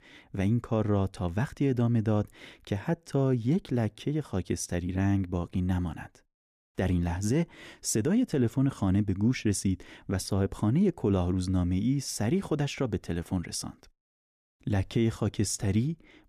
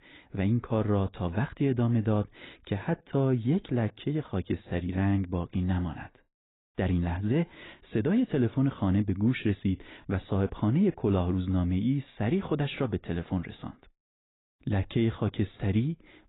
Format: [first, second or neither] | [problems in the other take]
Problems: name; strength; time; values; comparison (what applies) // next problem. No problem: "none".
first | garbled, watery; badly; nothing above 4 kHz